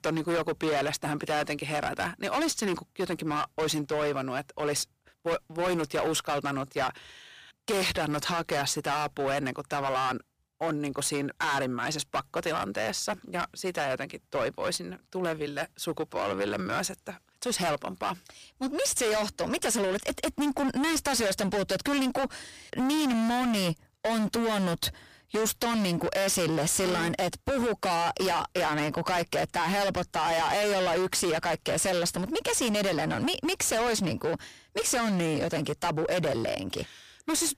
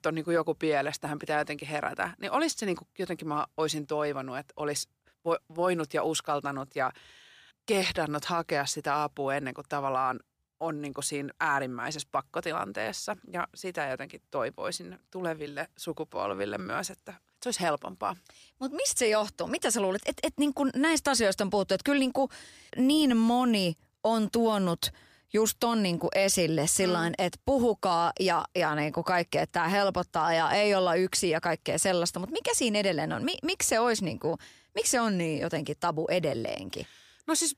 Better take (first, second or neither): second